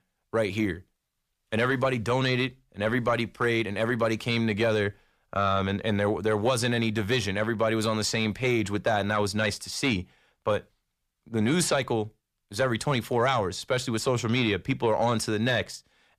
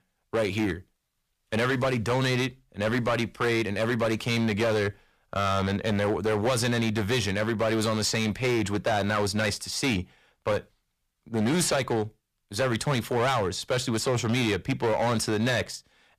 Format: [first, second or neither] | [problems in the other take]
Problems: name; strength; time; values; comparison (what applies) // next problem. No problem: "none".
first | distortion; slight; 13% of the sound clipped